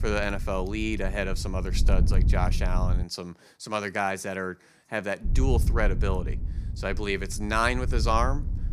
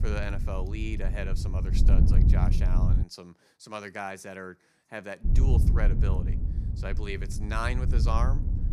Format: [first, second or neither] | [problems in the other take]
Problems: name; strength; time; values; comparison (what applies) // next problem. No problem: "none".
first | wind noise on the microphone; heavy; until 3 s and from 5 s on; 6 dB below the speech; occasional gusts in the first